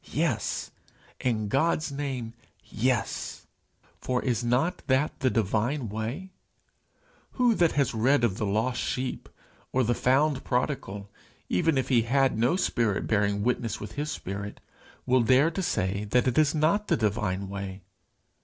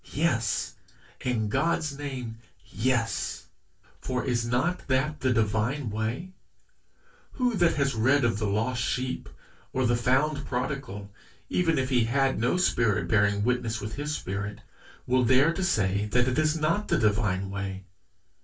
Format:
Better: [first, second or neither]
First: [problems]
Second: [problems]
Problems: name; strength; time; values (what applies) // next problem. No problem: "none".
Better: first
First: none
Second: room echo; dies away in 0.1 s